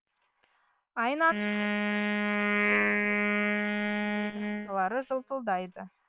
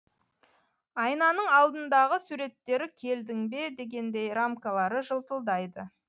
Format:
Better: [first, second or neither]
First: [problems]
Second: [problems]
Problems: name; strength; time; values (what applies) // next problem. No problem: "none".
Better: second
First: noise reduction (neural separator model SepFormer WHAM!)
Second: none